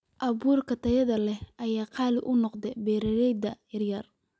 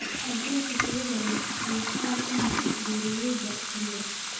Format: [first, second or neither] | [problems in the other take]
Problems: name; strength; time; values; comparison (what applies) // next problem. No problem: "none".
first | background sound (Toilet flush / Water tap, faucet); 1 dB above the speech // room echo; dies away in 1 s